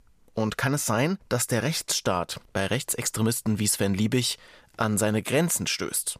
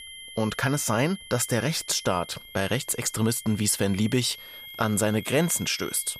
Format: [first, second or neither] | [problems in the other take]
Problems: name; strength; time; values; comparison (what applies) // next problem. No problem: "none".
first | high-pitched whine; noticeable; throughout; 3.5 kHz, 15 dB below the speech